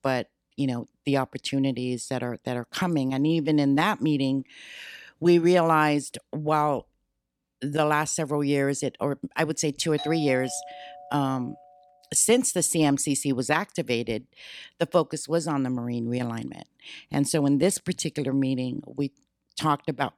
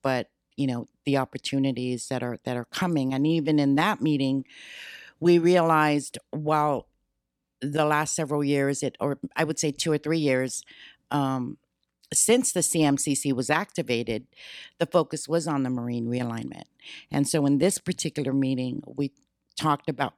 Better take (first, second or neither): second